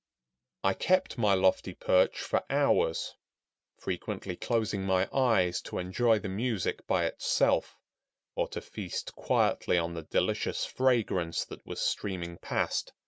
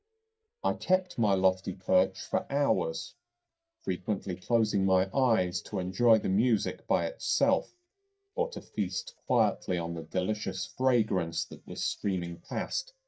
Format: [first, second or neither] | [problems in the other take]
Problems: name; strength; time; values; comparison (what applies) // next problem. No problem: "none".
first | noise reduction (neural mask model DeepFilterNet 3)